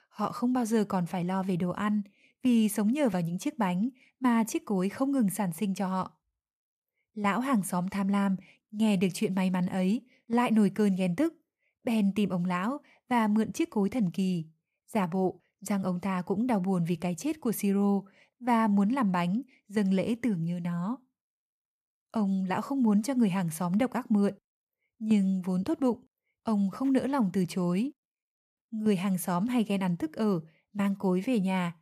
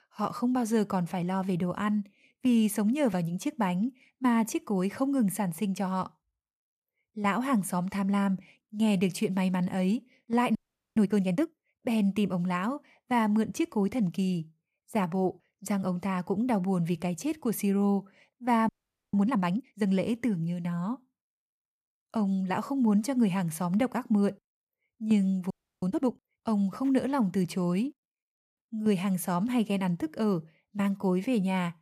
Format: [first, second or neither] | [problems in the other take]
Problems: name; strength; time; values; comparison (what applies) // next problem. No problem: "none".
first | audio freezing; at 11 s, at 19 s and at 26 s